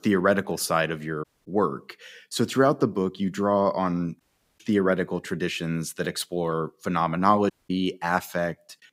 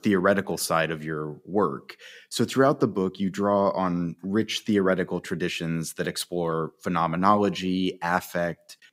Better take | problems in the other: second | audio cutting out; at 1 s, at 4 s and at 7.5 s

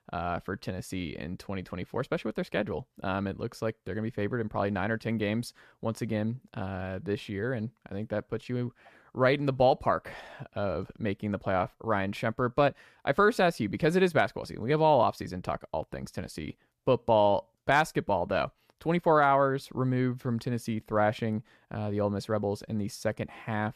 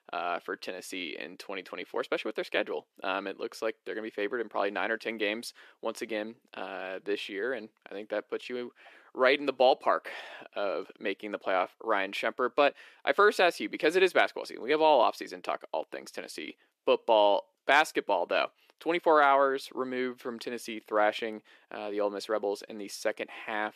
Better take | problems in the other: first | thin; somewhat; fading below 350 Hz

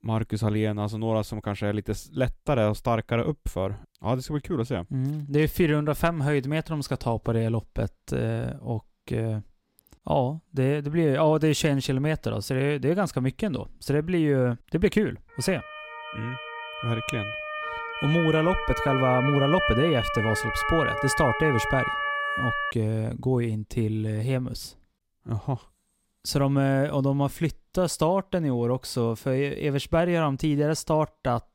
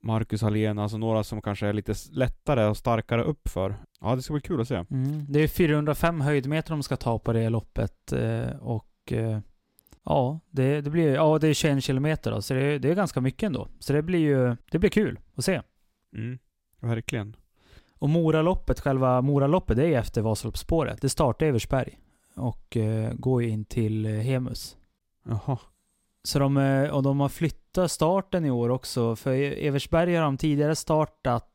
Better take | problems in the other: second | siren; loud; from 15 to 23 s; peak 1 dB above the speech

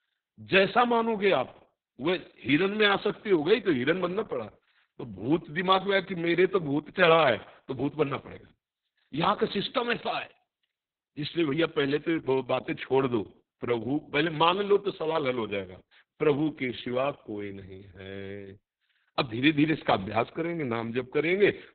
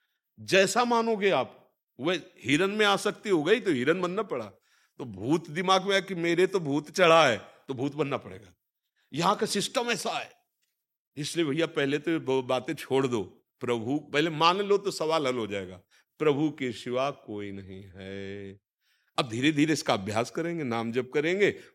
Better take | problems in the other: second | garbled, watery; badly; nothing above 4 kHz

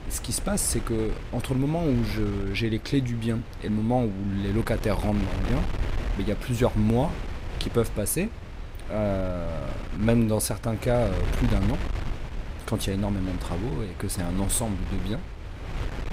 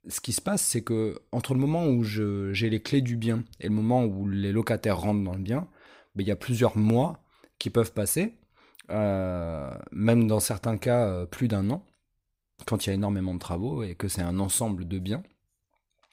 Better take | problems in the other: second | wind noise on the microphone; occasional gusts; 10 dB below the speech

